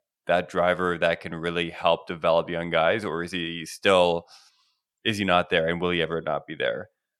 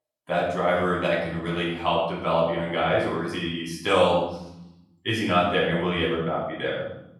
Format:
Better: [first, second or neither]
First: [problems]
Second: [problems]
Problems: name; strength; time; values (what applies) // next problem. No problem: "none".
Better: first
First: none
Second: room echo; noticeable; dies away in 0.9 s // off-mic speech; far